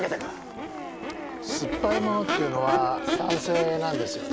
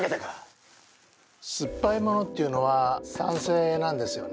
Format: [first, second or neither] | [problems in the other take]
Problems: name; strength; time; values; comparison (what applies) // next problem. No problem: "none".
second | background sound (Crowd / Race car, auto racing / Accelerating, revving, vroom); 3 dB below the speech